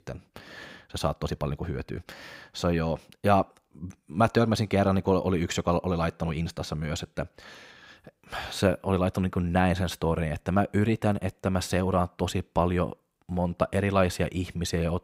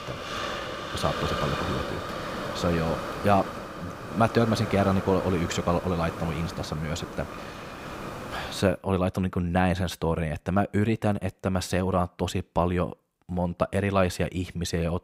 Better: first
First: none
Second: hiss; loud; until 8.5 s; 7 dB below the speech

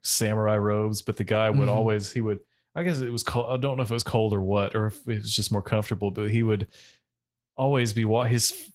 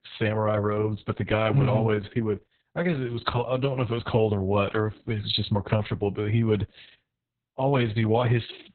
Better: first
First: garbled, watery; slightly; nothing above 16 kHz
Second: garbled, watery; badly; nothing above 4 kHz

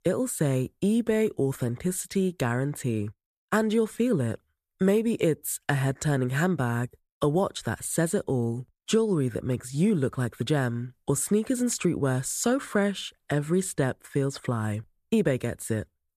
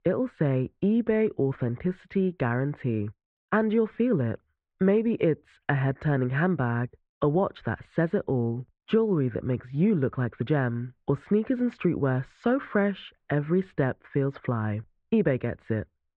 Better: first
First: none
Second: muffled; very; fading above 2.5 kHz

